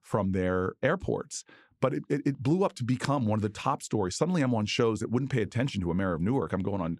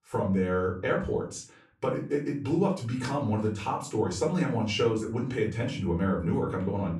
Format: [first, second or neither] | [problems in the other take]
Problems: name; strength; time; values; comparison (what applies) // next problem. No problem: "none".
first | off-mic speech; far // room echo; slight; dies away in 0.4 s